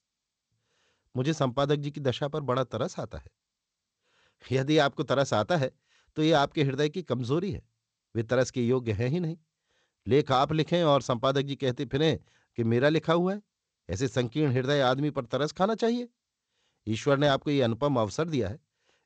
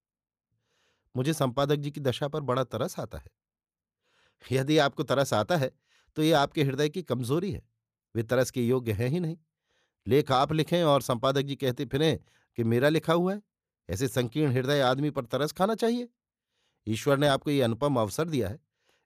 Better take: second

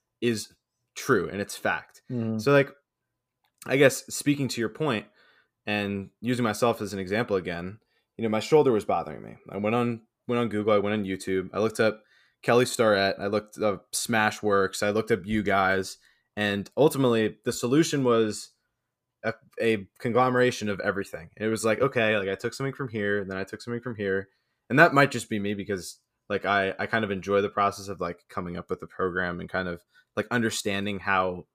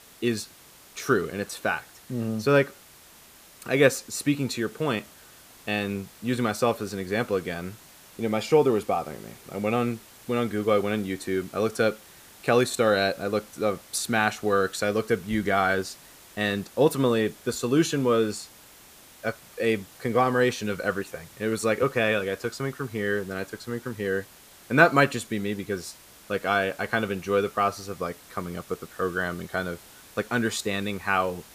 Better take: first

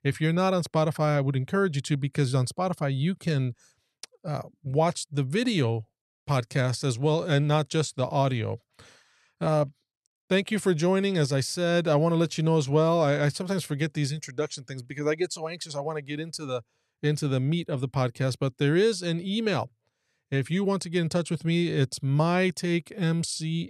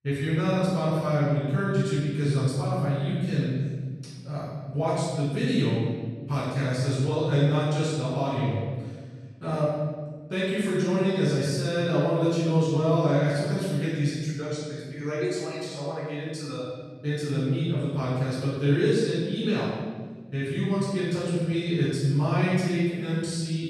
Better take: first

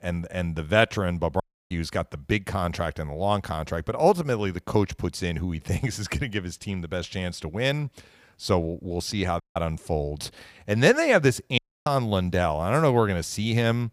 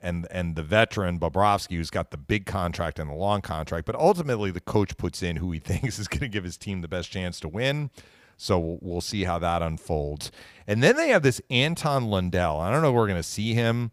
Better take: second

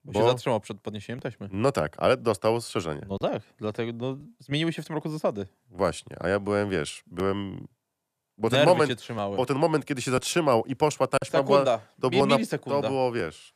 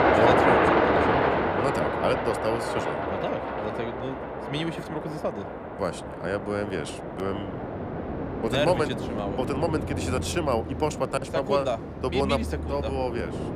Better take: first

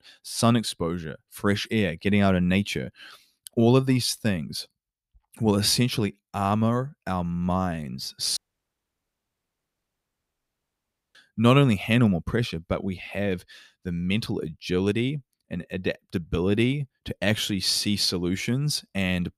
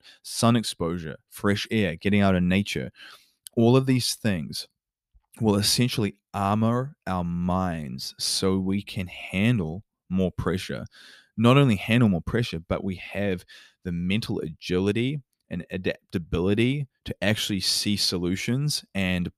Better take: second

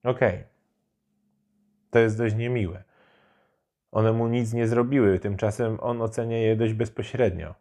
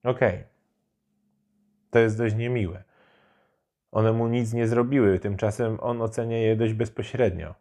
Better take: neither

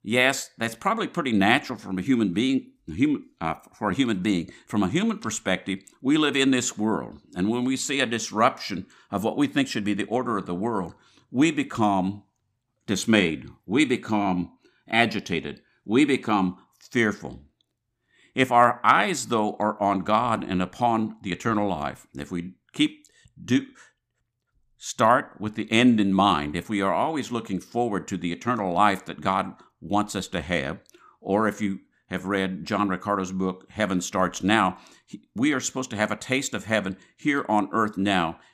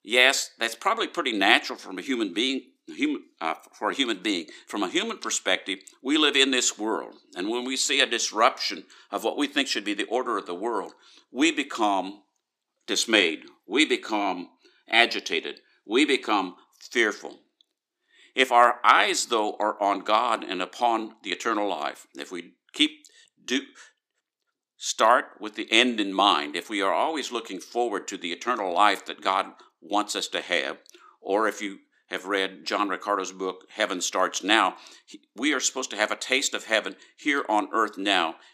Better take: first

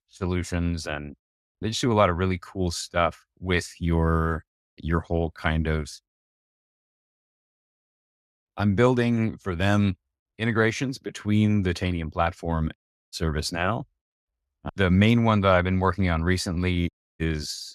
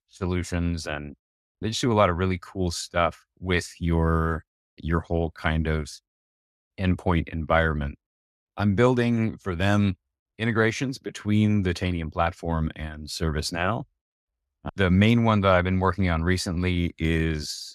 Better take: second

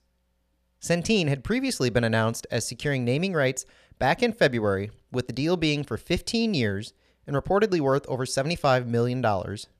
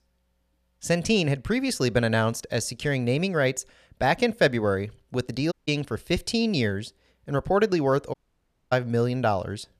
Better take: first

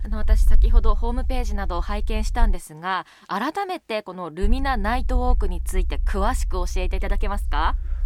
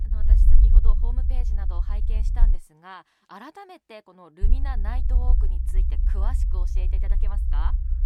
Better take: first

